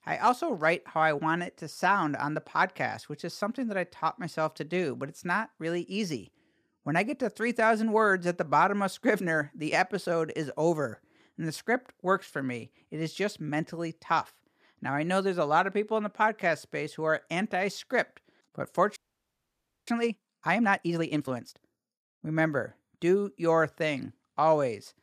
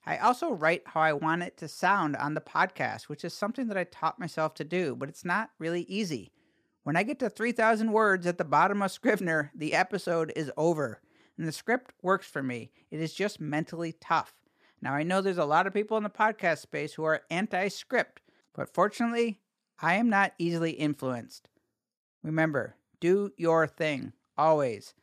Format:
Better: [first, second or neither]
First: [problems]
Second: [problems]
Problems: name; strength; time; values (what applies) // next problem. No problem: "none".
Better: second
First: audio freezing; at 19 s for 1 s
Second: none